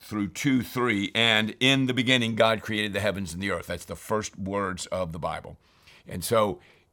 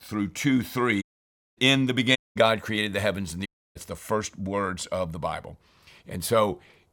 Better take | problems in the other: first | audio cutting out; at 1 s for 0.5 s, at 2 s and at 3.5 s

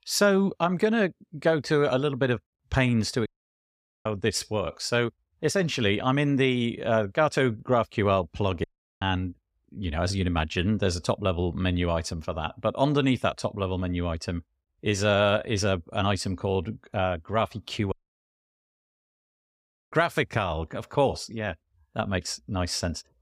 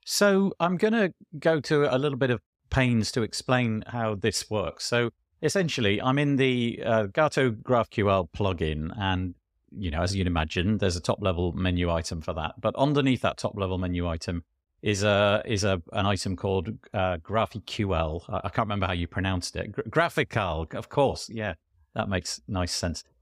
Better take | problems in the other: second | audio cutting out; at 3.5 s for 1 s, at 8.5 s and at 18 s for 2 s

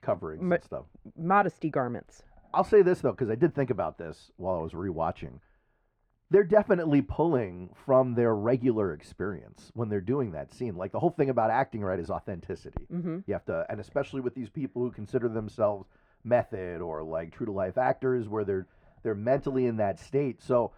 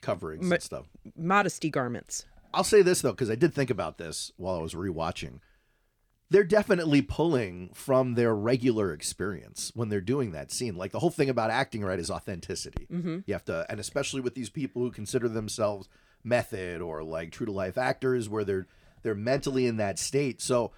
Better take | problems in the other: second | muffled; very; fading above 3 kHz

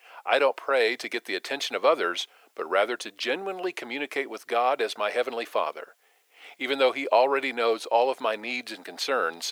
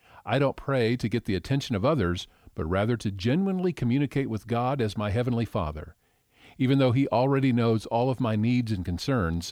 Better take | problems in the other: second | thin; very; fading below 450 Hz

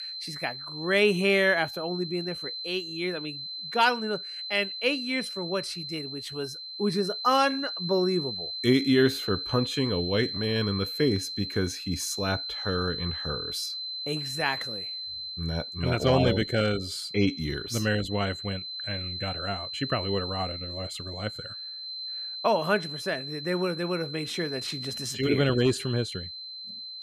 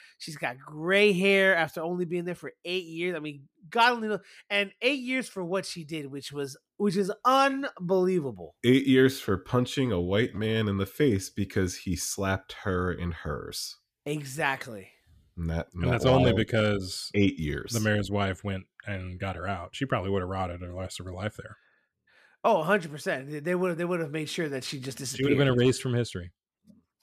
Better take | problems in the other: second | high-pitched whine; loud; throughout; 4 kHz, 6 dB below the speech

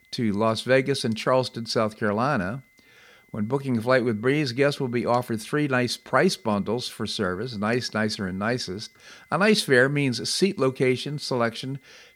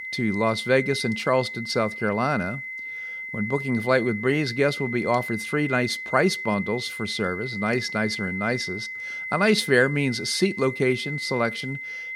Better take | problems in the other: first | high-pitched whine; loud; throughout; 2 kHz, 7 dB below the speech; faint in the first

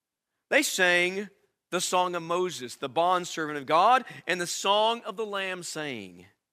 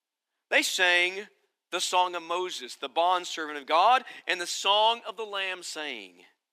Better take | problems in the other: first | thin; somewhat; fading below 250 Hz

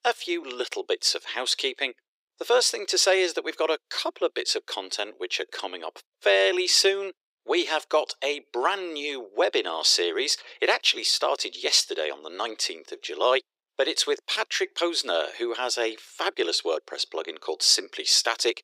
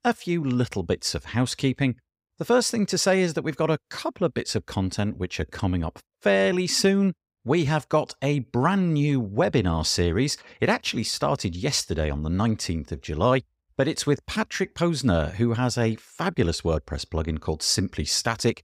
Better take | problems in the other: second | thin; very; fading below 350 Hz

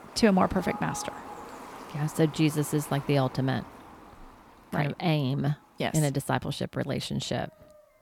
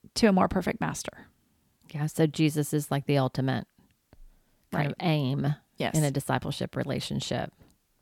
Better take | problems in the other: second | animal sounds; noticeable; throughout; 15 dB below the speech

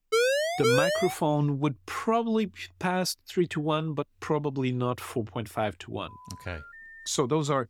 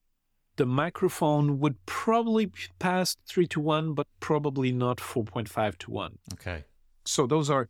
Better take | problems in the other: second | siren; loud; until 1 s; peak 5 dB above the speech // phone ringing; faint; from 6 to 7 s; peak 15 dB below the speech

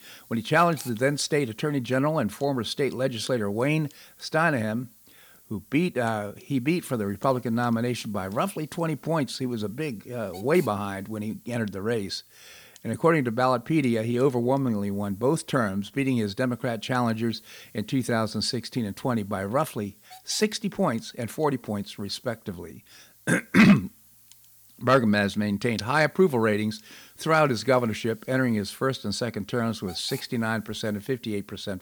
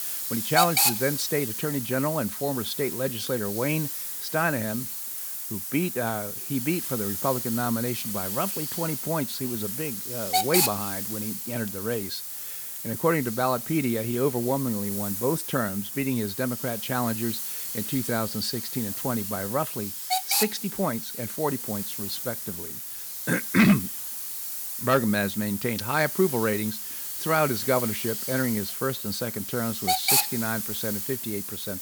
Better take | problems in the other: first | hiss; loud; throughout; 1 dB below the speech; faint in the first

